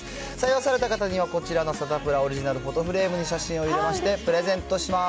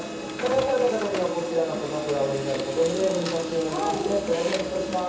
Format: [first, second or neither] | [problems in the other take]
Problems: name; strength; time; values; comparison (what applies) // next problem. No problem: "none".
first | background sound (Printer); 8 dB below the speech // room echo; dies away in 0.7 s